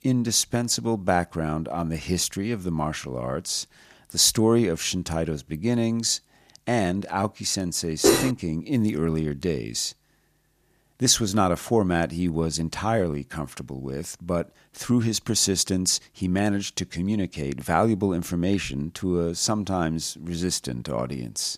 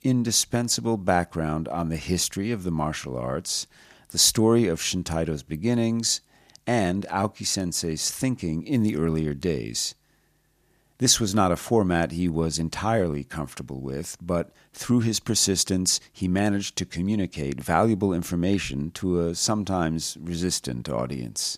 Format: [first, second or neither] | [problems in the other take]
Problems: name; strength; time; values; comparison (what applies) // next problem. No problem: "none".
second | clattering dishes; loud; at 8 s; peak 4 dB above the speech